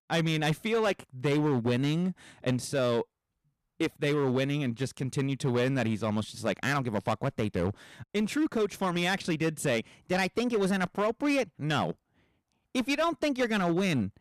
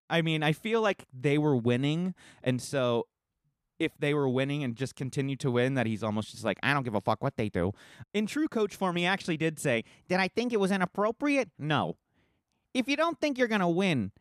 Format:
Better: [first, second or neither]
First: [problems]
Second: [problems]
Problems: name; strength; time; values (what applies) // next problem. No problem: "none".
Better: second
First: distortion; slight; 8% of the sound clipped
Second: none